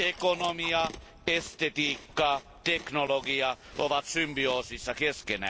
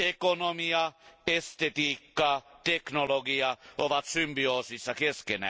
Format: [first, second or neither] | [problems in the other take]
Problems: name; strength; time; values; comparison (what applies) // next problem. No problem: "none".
second | background sound (Chewing, mastication); 17 dB below the speech